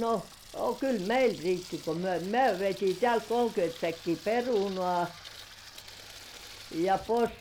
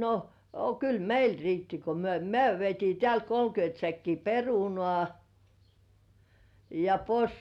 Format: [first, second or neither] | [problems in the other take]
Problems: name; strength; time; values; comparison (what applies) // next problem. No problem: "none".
second | background sound (Sink (filling or washing) / Water tap, faucet); 18 dB below the speech